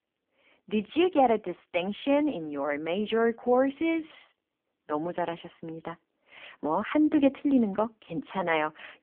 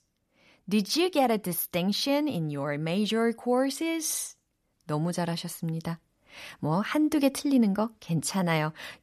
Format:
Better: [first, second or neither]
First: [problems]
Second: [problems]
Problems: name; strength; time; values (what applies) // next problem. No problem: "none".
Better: second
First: phone-call audio; poor line; nothing above 3.5 kHz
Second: none